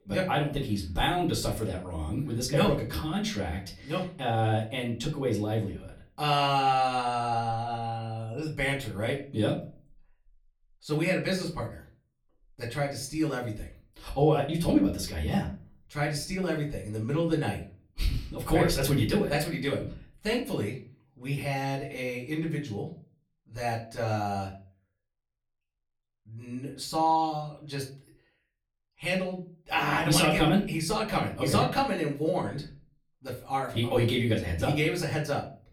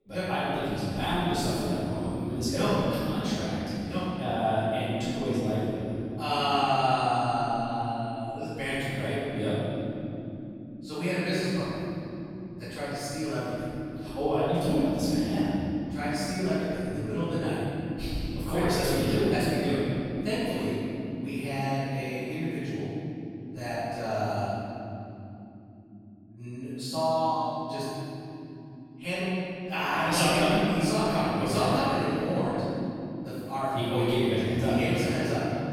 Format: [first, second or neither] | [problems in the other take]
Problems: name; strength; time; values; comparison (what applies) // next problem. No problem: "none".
first | room echo; strong; dies away in 3 s; slight in the first // off-mic speech; far; far in the first